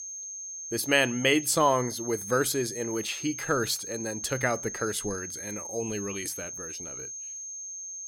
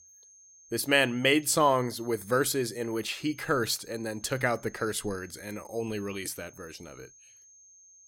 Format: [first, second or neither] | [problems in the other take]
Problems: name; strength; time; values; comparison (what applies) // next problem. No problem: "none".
second | high-pitched whine; loud; throughout; 6.5 kHz, 8 dB below the speech; faint in the second